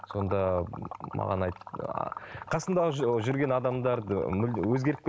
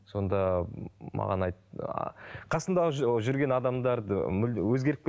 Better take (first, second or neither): second